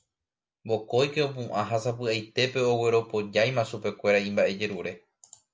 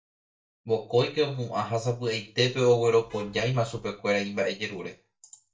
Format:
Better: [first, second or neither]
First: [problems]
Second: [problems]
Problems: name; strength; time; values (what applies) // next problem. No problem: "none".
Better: first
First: none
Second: noise reduction (neural mask model DeepFilterNet 3)